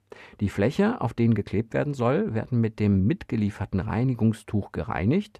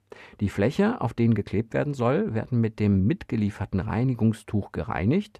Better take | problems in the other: neither | muffled; slightly; fading above 3 kHz; the same in both

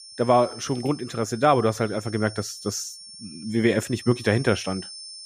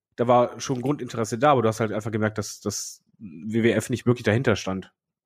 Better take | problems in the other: second | high-pitched whine; noticeable; throughout; 5.5 kHz, 15 dB below the speech

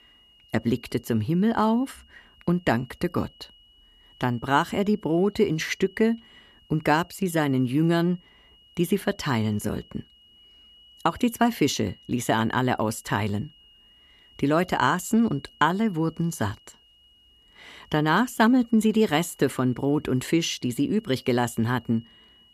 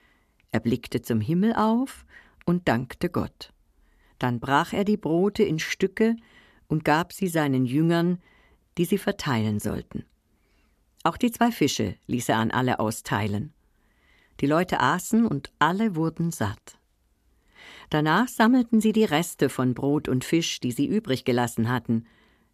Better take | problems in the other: second | high-pitched whine; faint; throughout; 3 kHz, 30 dB below the speech

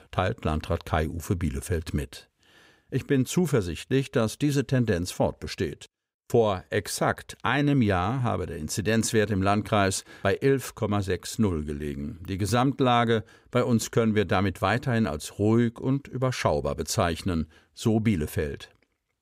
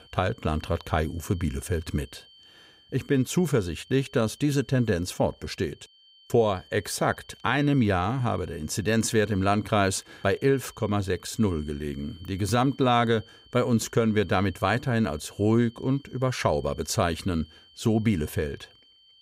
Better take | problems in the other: first | high-pitched whine; faint; throughout; 3 kHz, 25 dB below the speech

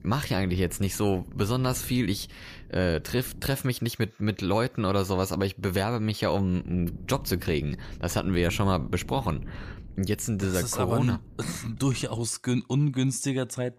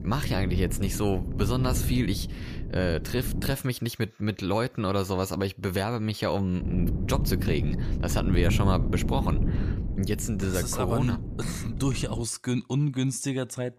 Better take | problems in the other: first | wind noise on the microphone; heavy; until 3.5 s and from 6.5 to 12 s; 10 dB below the speech; occasional gusts in the first

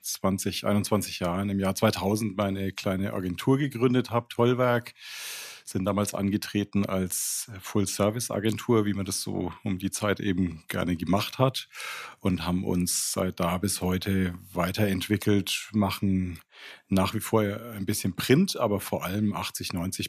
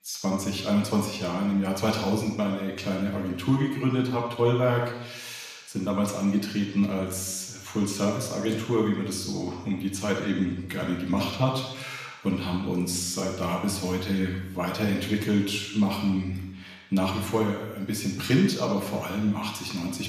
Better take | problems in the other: first | room echo; noticeable; dies away in 0.9 s // off-mic speech; far

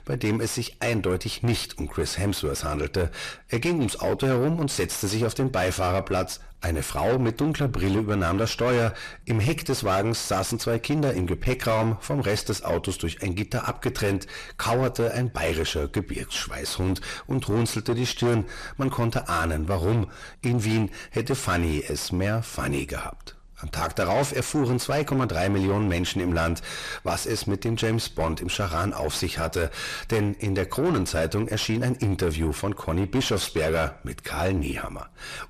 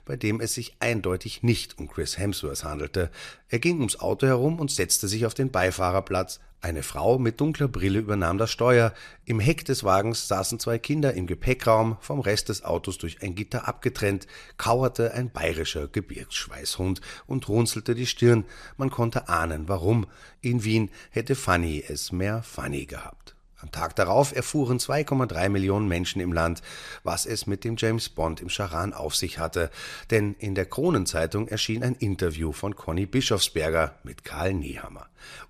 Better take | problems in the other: second | distortion; heavy; 6 dB below the speech

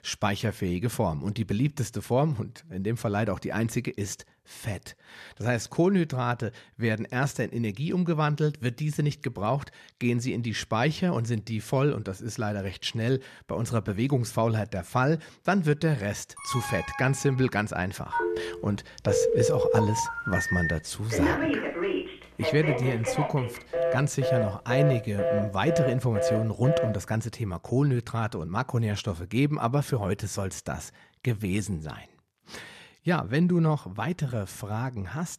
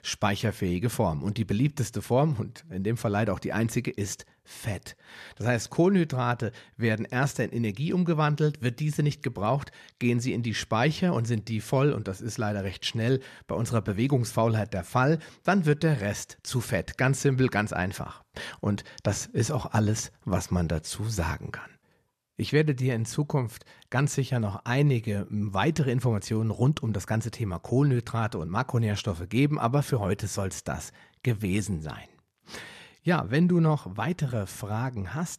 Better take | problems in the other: second | alarm; noticeable; from 16 to 17 s; peak 5 dB below the speech // phone ringing; loud; from 18 to 27 s; peak 4 dB above the speech

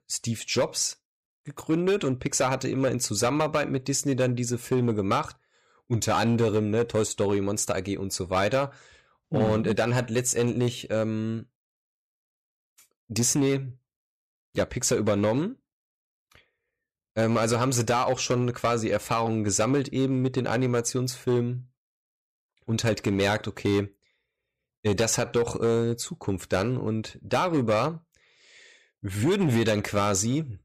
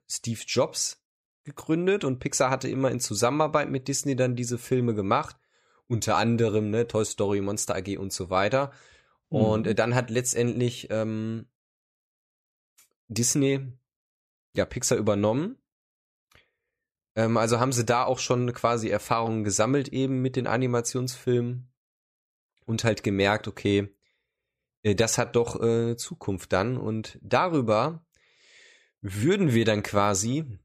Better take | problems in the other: second | distortion; slight; 5% of the sound clipped

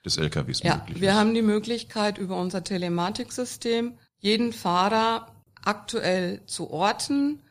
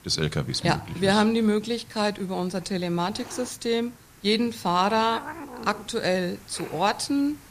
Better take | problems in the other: first | hiss; noticeable; throughout; 20 dB below the speech

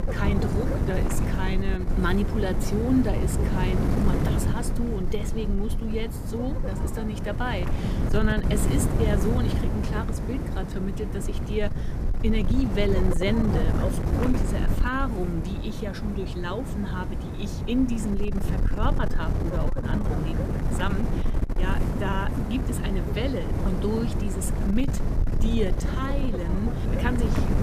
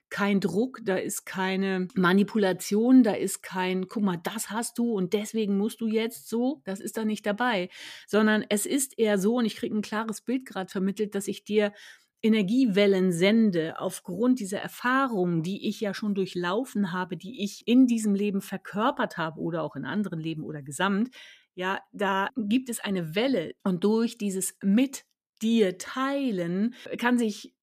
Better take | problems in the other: second | wind noise on the microphone; heavy; 3 dB below the speech

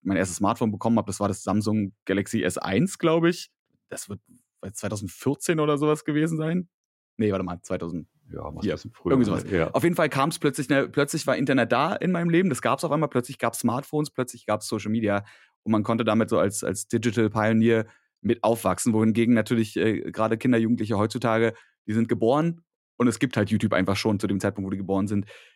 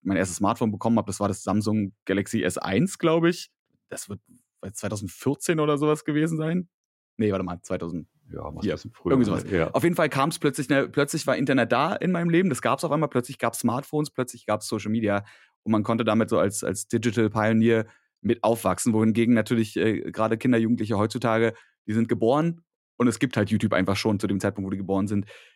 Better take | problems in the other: neither | none

